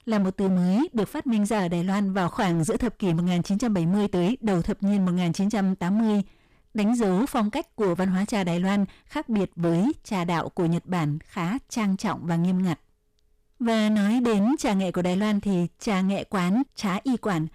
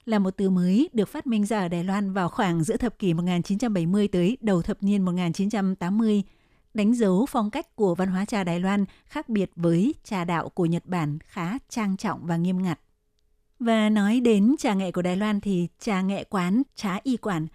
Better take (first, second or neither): second